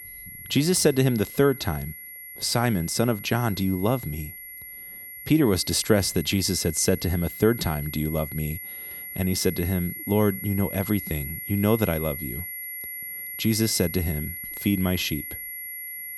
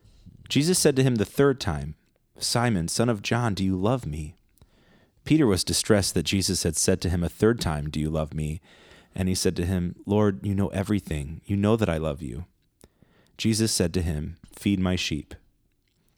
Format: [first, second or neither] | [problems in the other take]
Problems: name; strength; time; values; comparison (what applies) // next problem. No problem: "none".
second | high-pitched whine; loud; throughout; 11.5 kHz, 10 dB below the speech